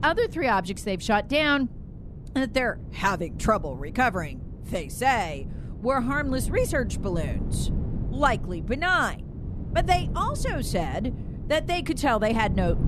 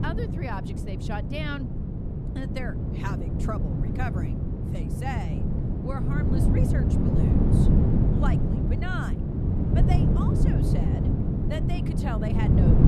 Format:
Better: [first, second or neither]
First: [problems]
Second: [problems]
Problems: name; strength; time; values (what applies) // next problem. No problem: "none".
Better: first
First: wind noise on the microphone; occasional gusts; 20 dB below the speech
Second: wind noise on the microphone; heavy; 2 dB above the speech